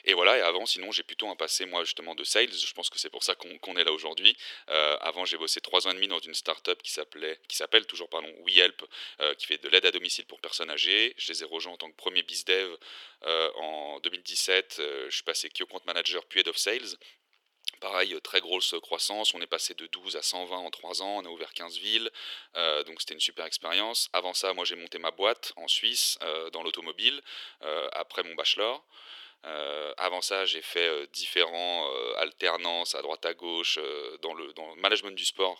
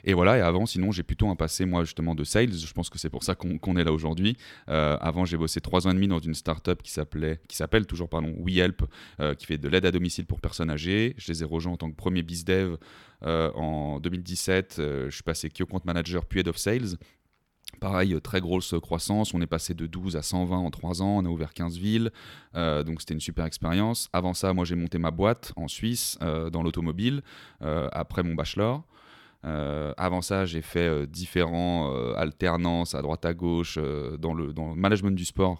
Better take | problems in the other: second | thin; very; fading below 400 Hz

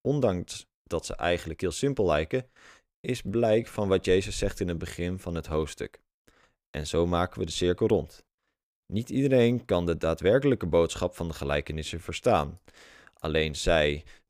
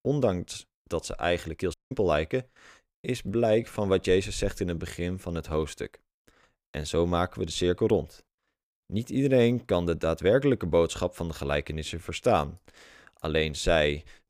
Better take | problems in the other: first | audio cutting out; at 1.5 s

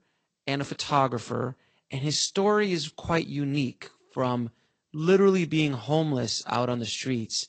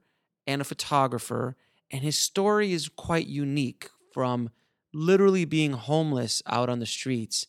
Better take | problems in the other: second | garbled, watery; slightly; nothing above 8 kHz

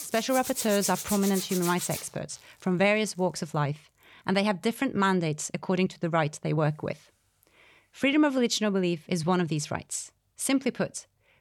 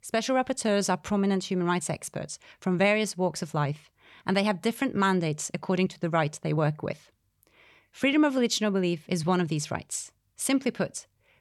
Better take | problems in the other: second | household noises; loud; throughout; 7 dB below the speech

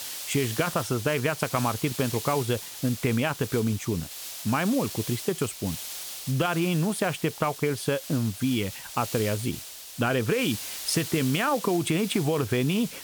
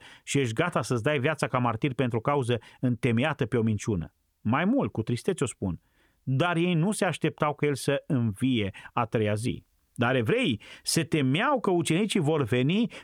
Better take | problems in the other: second | hiss; loud; throughout; 9 dB below the speech

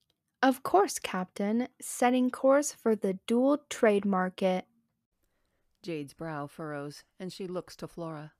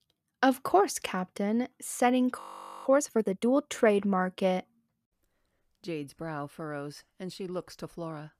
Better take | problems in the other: first | audio freezing; at 2.5 s

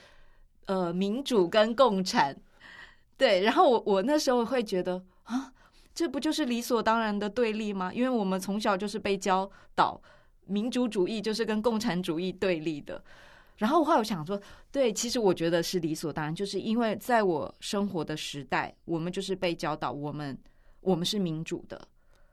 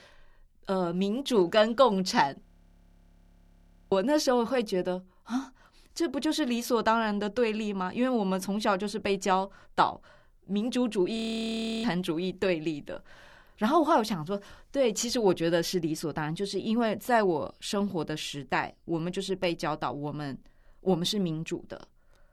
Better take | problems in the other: first | audio freezing; at 2.5 s for 1.5 s and at 11 s for 0.5 s

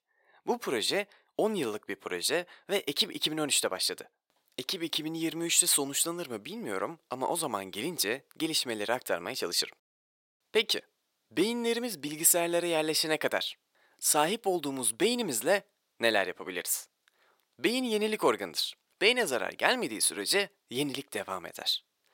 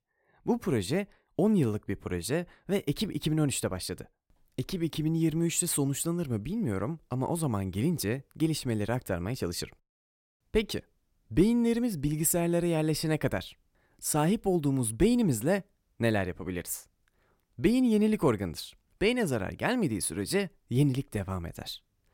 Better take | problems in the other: second | thin; somewhat; fading below 500 Hz

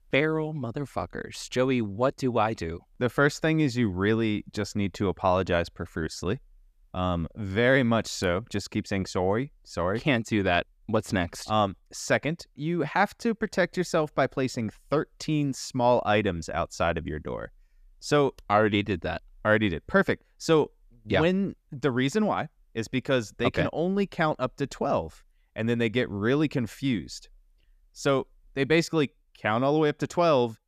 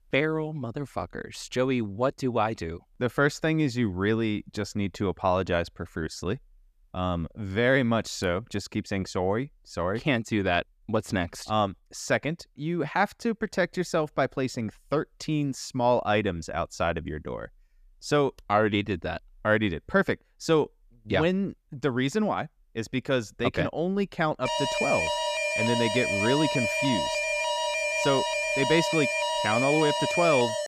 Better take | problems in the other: first | alarm; loud; from 24 s on; peak 2 dB above the speech

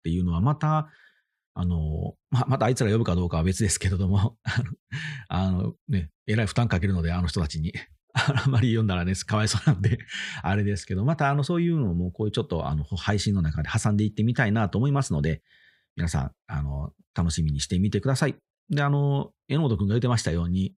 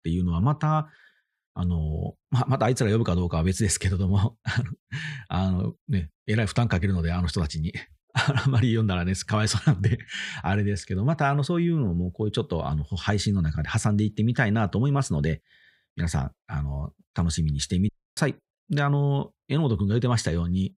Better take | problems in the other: first | audio cutting out; at 18 s

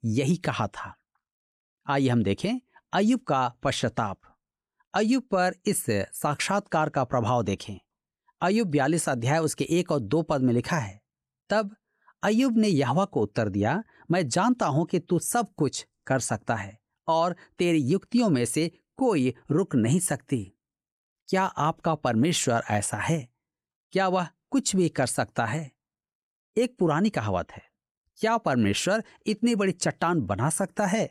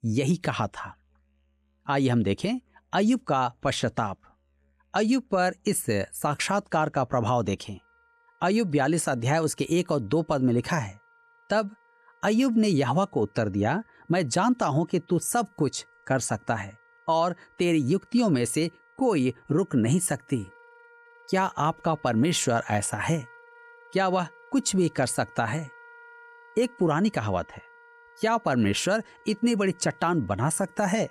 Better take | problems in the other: first | background music; faint; throughout; 30 dB below the speech

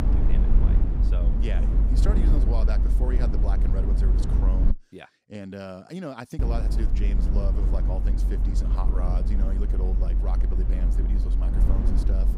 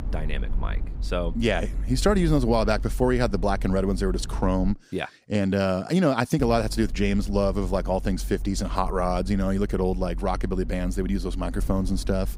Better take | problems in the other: second | low rumble; loud; until 4.5 s and from 6.5 s on; 1 dB below the speech; faint in the second

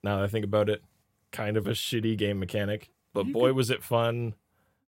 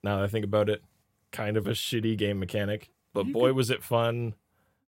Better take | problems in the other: neither | none

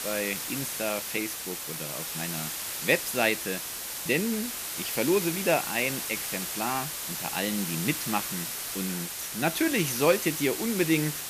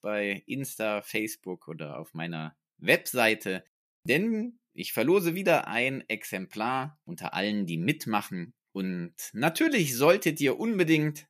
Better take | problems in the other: second | hiss; loud; throughout; 3 dB below the speech

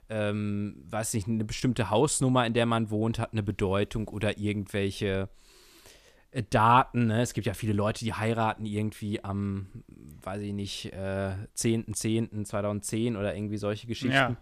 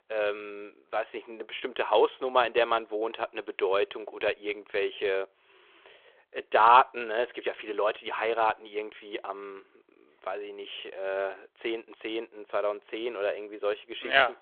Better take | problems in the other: first | phone-call audio

